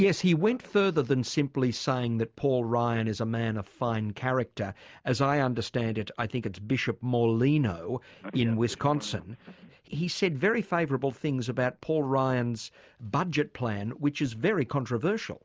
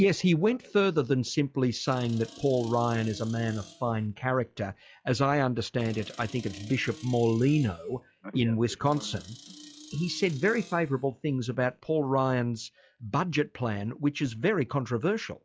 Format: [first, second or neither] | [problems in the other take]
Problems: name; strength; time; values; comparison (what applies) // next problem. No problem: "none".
first | noise reduction (classical method log-MMSE)